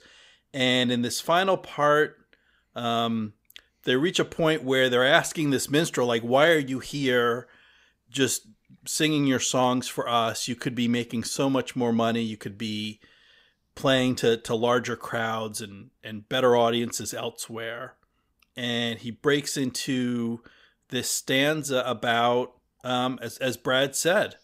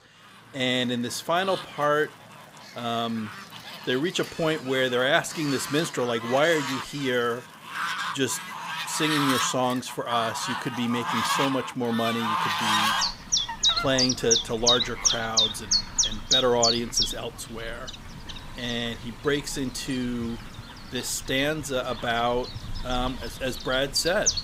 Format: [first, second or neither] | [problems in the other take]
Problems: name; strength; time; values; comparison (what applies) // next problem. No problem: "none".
first | animal sounds; very loud; throughout; 1 dB above the speech